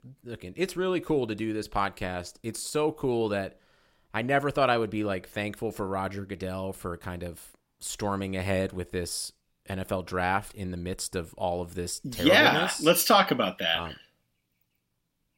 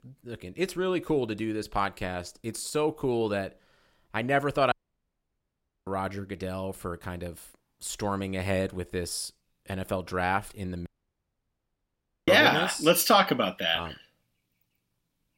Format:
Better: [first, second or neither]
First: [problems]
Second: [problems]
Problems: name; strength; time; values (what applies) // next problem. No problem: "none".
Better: first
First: none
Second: audio cutting out; at 4.5 s for 1 s and at 11 s for 1.5 s